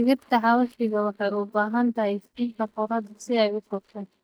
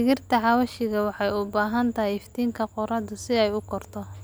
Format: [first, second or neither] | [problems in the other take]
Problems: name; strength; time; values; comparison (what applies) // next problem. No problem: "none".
second | noise reduction (neural mask model DeepFilterNet 3)